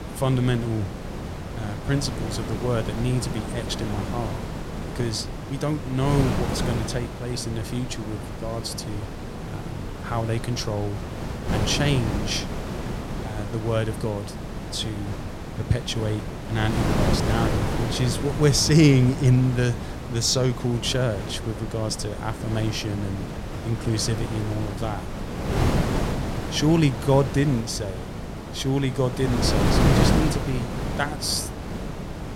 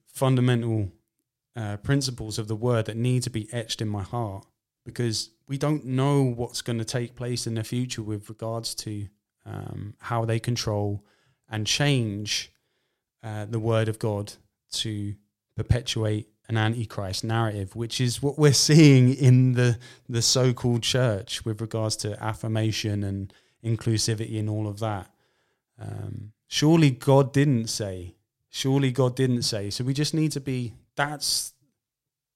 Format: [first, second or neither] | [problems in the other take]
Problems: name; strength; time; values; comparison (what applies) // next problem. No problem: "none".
second | wind noise on the microphone; heavy; 4 dB below the speech